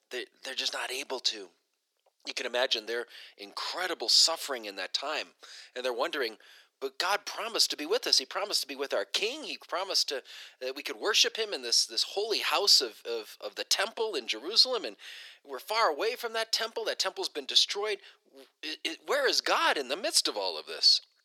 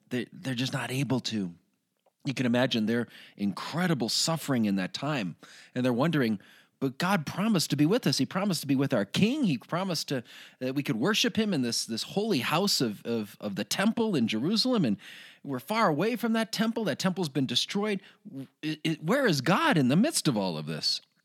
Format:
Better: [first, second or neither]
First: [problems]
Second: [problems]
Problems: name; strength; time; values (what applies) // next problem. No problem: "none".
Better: second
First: thin; very; fading below 400 Hz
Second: none